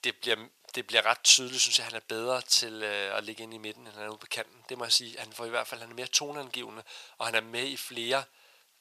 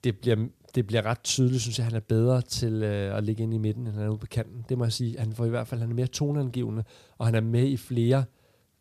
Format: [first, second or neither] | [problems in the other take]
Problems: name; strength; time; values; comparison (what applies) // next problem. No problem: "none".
second | thin; very; fading below 850 Hz